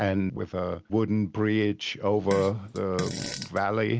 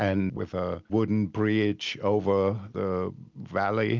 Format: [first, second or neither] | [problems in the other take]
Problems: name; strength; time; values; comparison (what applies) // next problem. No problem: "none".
second | background sound (Fart); 10 dB below the speech